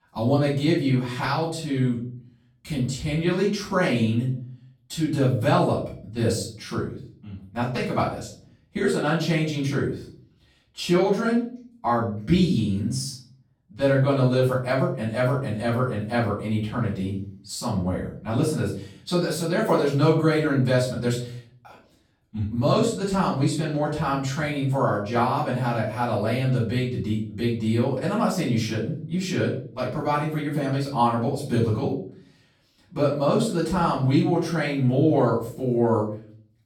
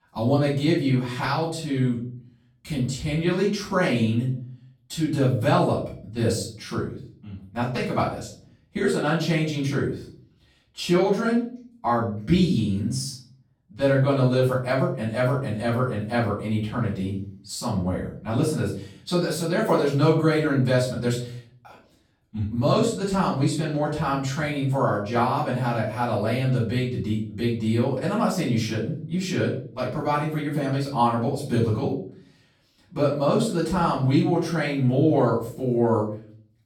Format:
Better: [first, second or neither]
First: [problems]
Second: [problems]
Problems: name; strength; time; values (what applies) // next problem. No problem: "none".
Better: neither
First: off-mic speech; far // room echo; noticeable; dies away in 0.5 s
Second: off-mic speech; far // room echo; noticeable; dies away in 0.5 s